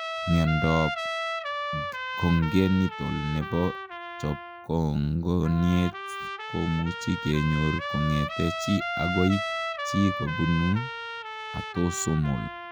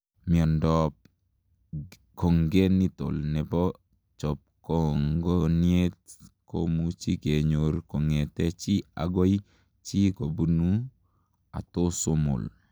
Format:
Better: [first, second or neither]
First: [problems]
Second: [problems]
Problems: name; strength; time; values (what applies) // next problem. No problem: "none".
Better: second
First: background sound (Trumpet); 6 dB below the speech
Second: none